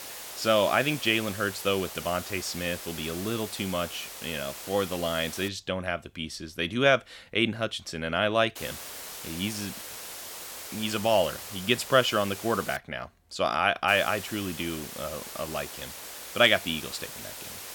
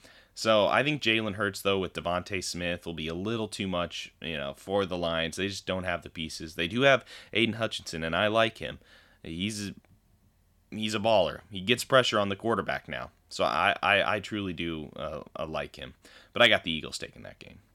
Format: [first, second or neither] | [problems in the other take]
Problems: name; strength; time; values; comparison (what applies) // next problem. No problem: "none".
second | hiss; noticeable; until 5.5 s, from 8.5 to 13 s and from 14 s on; 10 dB below the speech